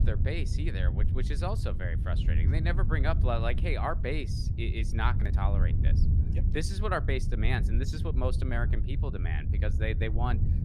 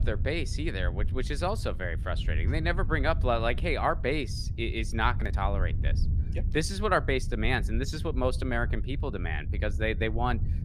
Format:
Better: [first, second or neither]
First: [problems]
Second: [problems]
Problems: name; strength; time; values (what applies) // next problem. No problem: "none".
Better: second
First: wind noise on the microphone; heavy; 9 dB below the speech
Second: wind noise on the microphone; occasional gusts; 20 dB below the speech